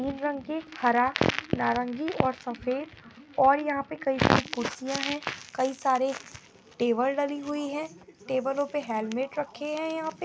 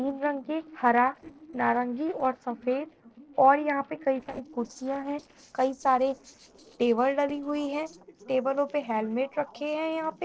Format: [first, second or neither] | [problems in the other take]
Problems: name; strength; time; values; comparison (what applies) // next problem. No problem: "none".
first | noise reduction (neural separator model SepFormer DNS4)